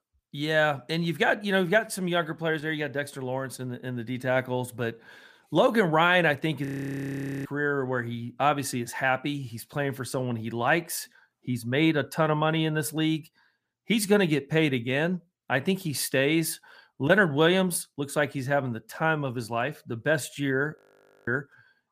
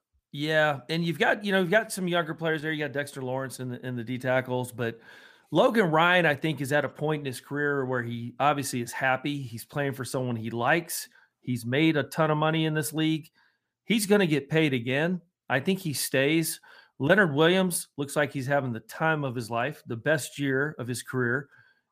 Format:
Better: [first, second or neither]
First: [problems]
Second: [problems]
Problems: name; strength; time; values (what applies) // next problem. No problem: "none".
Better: second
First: audio freezing; at 6.5 s for 1 s and at 21 s for 0.5 s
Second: none